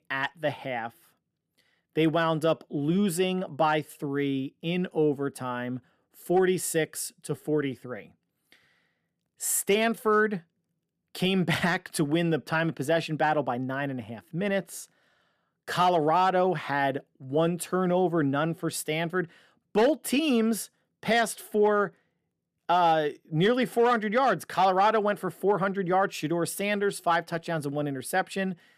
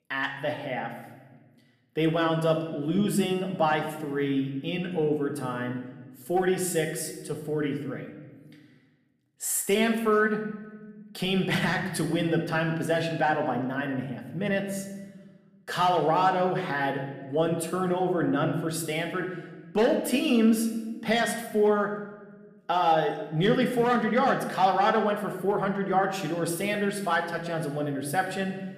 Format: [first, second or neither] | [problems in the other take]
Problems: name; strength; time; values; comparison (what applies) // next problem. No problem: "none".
first | room echo; slight; dies away in 1 s // off-mic speech; somewhat distant